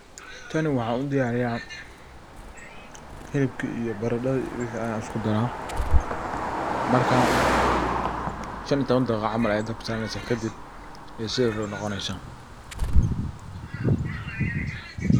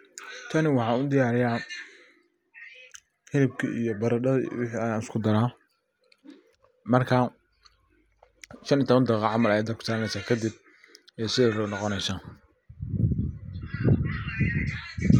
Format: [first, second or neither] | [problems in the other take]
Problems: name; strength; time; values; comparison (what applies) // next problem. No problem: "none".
second | background sound (Bird + Car passing by); 1 dB below the speech